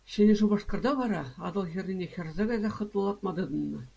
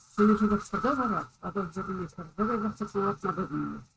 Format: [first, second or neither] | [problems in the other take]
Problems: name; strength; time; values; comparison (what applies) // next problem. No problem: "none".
first | noise reduction (neural mask model RNNoise)